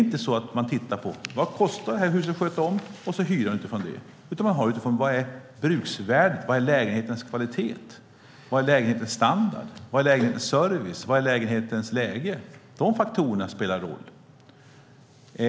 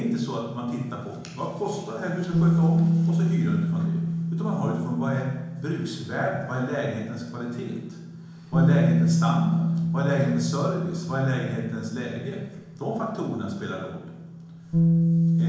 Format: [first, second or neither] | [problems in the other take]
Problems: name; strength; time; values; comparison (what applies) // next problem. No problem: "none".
first | background sound (Bass guitar); 3 dB above the speech // room echo; dies away in 1 s